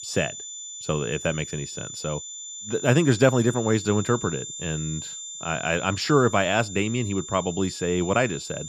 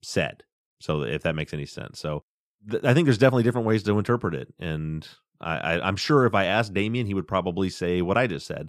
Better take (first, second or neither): second